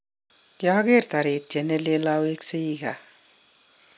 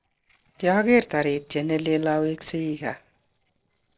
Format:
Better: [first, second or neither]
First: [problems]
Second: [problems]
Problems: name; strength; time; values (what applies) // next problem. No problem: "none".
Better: first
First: none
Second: noise reduction (neural separator model SepFormer DNS4)